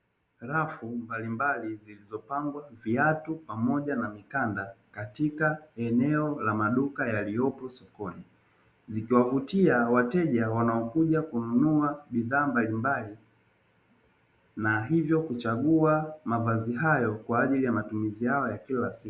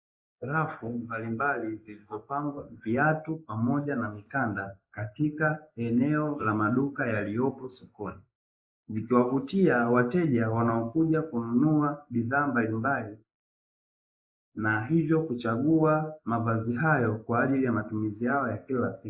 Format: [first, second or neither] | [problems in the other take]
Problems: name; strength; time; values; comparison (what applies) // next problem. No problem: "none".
first | noise reduction (neural mask model Resemble Enhance denoiser)